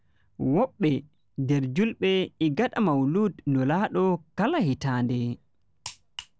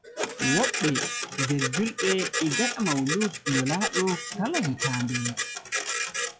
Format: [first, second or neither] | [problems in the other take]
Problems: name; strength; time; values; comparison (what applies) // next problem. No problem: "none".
first | noise reduction (classical method log-MMSE)